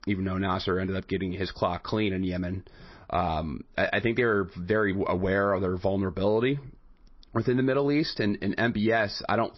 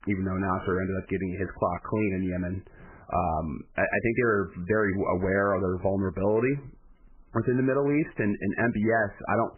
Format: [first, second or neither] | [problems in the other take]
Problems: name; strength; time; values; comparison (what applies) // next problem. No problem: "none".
first | garbled, watery; badly; nothing above 2.5 kHz; slightly in the first